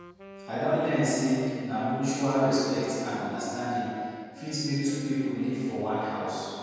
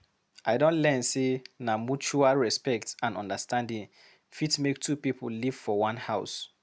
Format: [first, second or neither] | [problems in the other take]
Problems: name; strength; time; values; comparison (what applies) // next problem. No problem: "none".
second | background sound (Wind instrument, woodwind instrument); 17 dB below the speech // room echo; dies away in 2.1 s